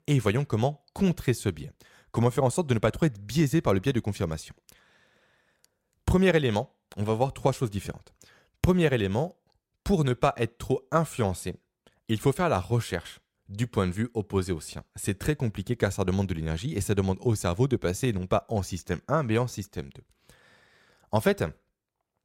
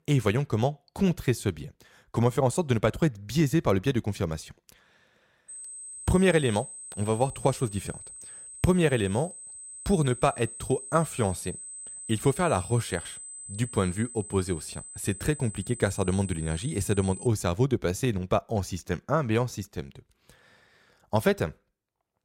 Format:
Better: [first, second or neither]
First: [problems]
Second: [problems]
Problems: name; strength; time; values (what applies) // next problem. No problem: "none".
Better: first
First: none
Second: high-pitched whine; noticeable; from 5.5 to 17 s; 8 kHz, 10 dB below the speech